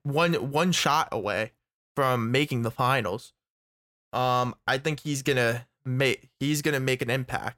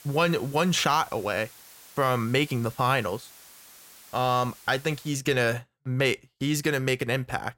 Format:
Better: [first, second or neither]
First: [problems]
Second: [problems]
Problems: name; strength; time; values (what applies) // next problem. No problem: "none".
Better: first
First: none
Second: hiss; faint; until 5 s; 20 dB below the speech